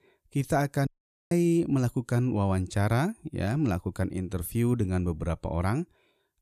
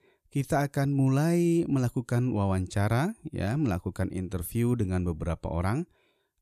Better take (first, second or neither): second